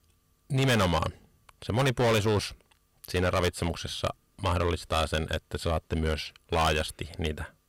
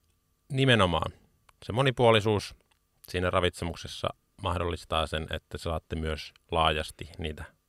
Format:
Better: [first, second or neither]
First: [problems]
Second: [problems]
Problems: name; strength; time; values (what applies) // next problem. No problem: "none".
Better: second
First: distortion; heavy; 9% of the sound clipped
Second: none